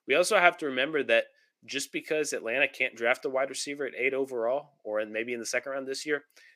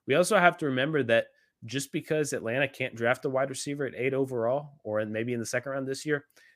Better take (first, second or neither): second